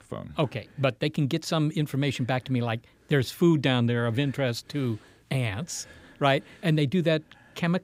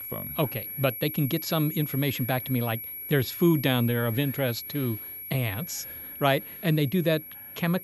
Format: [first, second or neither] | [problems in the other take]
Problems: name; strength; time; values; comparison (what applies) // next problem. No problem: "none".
first | high-pitched whine; loud; throughout; 11.5 kHz, 8 dB below the speech